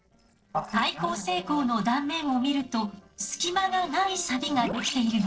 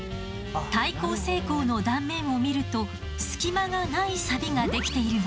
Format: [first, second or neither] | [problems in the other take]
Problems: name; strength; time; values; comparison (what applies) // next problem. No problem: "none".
second | noise reduction (neural separator model SepFormer DNS4)